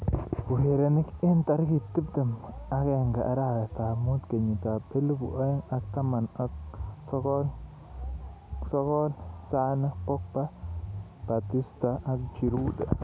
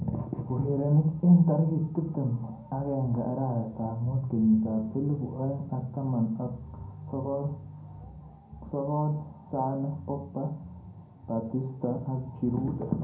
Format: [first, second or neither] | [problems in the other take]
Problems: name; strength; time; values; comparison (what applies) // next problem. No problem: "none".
first | background sound (Bowed string instrument); 20 dB below the speech // room echo; dies away in 0.6 s